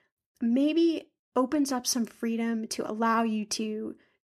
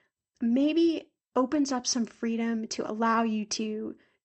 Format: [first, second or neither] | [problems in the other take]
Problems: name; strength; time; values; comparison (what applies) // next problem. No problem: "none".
first | garbled, watery; slightly; nothing above 8 kHz